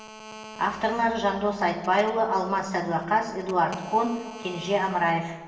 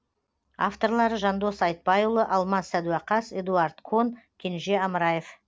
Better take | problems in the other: second | background sound (Telephone); 19 dB below the speech // room echo; dies away in 1.2 s

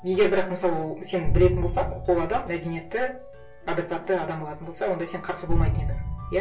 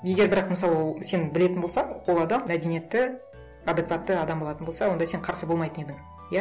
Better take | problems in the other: second | background sound (Boom); 3 dB below the speech // room echo; dies away in 0.2 s

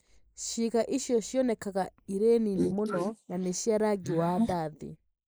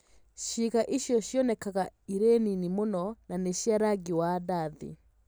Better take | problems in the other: second | noise reduction (neural mask model Resemble Enhance denoiser)

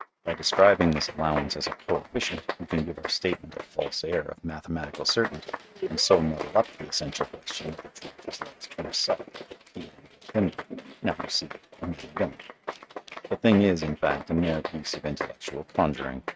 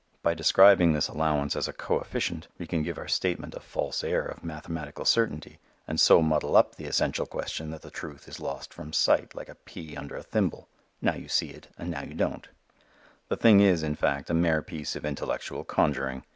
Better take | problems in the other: second | noise reduction (neural mask model RNNoise)

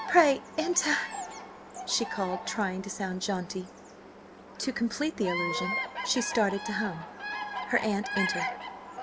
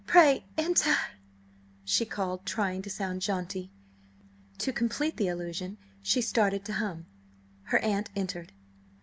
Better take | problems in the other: second | background sound (Bird vocalization, bird call, bird song); 7 dB below the speech

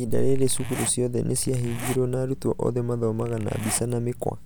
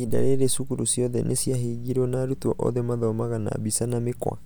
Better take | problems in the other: second | background sound (Zipper (clothing)); 14 dB below the speech

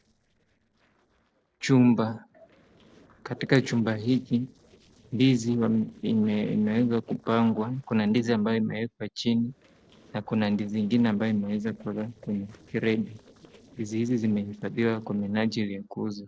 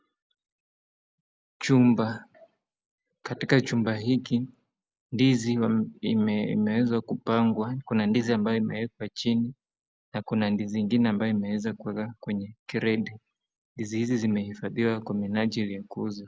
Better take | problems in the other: second | noise reduction (neural separator model SepFormer DNS4)

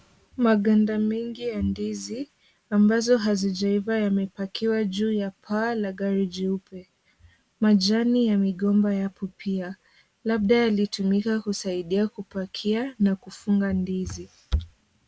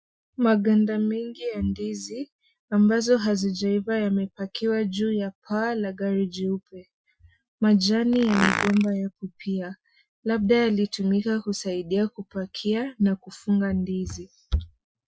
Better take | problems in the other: first | noise reduction (classical method Wiener filter)

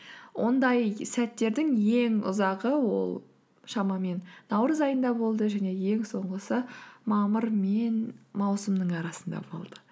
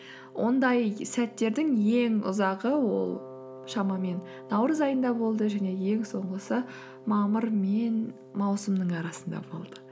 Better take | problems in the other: first | background sound (Wind instrument, woodwind instrument); 19 dB below the speech

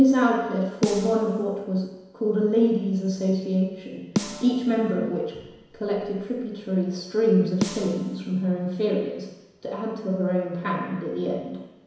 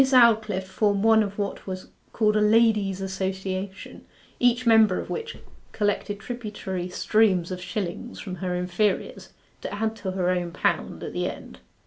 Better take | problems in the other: second | background sound (Snare drum); 10 dB below the speech // room echo; dies away in 1 s

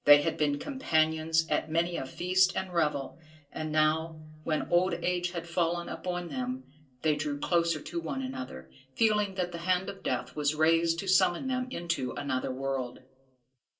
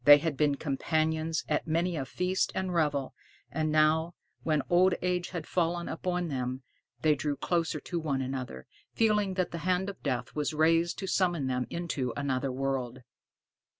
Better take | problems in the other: second | room echo; dies away in 0.2 s

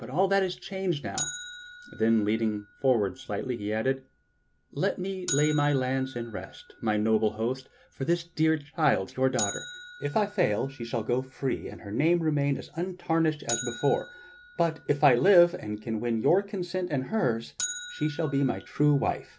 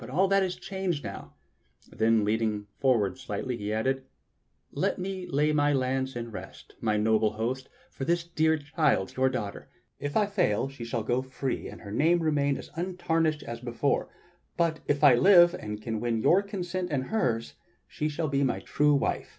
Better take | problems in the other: second | background sound (Bell); 15 dB below the speech

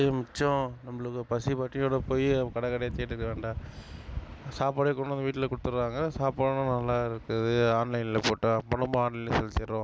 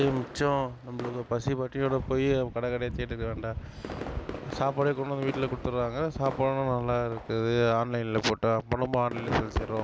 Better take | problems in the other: first | background sound (Fireworks); 14 dB below the speech

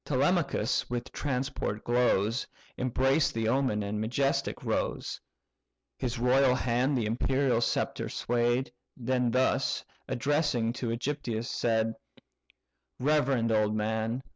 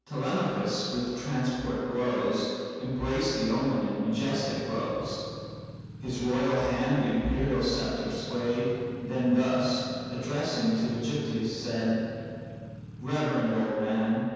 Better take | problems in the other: first | background sound (Engine / Truck / Car); 14 dB below the speech // room echo; dies away in 2.1 s

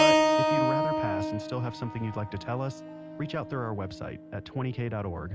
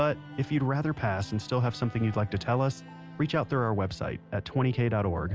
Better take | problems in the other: second | background sound (Keyboard (musical)); 4 dB above the speech

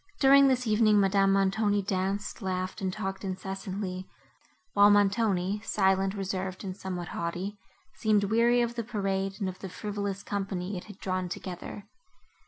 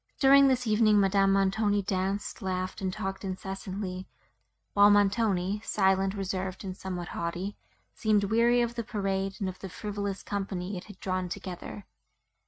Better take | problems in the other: first | noise reduction (neural mask model RNNoise)

